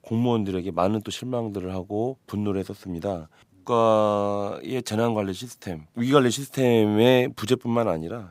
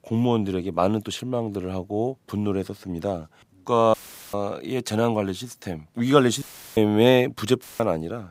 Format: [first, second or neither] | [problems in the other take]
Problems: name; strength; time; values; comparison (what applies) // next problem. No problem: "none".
first | audio cutting out; filled with static; at 4 s, at 6.5 s and at 7.5 s